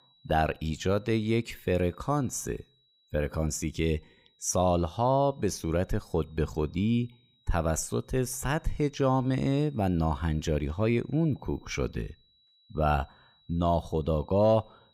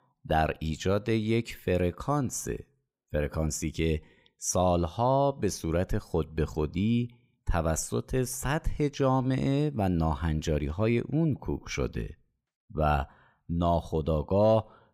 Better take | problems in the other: second | high-pitched whine; faint; throughout; 4 kHz, 35 dB below the speech

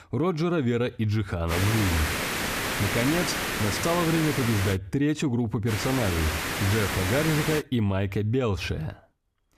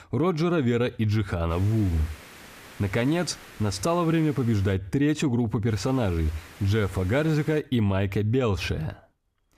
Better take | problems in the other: second | hiss; loud; from 1.5 to 4.5 s and from 5.5 to 7.5 s; 2 dB below the speech; faint in the second

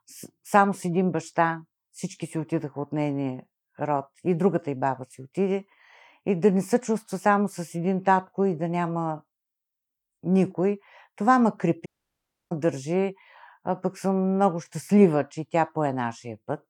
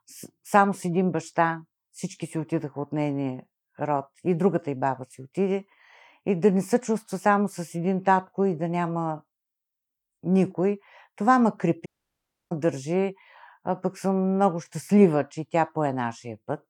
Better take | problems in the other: neither | audio cutting out; at 12 s for 0.5 s; the same in both

